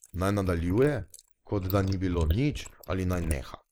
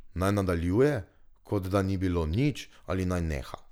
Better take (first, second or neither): second